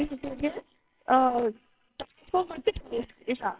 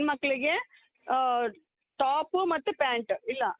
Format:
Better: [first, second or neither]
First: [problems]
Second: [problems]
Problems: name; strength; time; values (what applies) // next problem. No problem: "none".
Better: second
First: noise reduction (neural separator model SepFormer WHAMR!)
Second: none